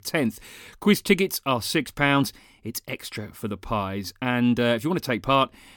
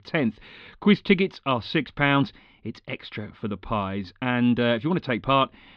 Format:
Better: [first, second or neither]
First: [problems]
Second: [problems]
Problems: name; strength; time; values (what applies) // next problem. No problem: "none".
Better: first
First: none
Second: muffled; slightly; fading above 4 kHz